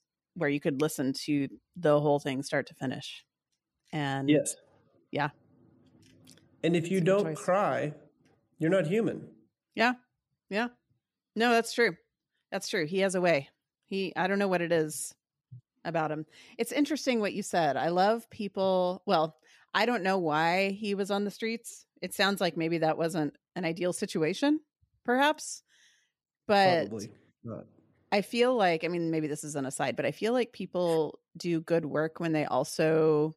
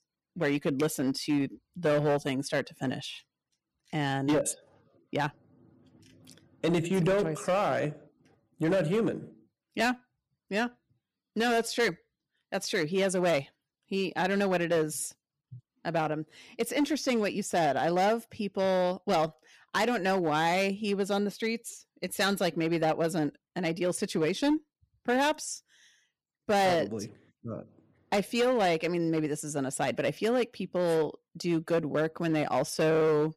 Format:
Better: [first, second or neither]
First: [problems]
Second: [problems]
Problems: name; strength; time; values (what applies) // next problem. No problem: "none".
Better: first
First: none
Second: distortion; slight; 7% of the sound clipped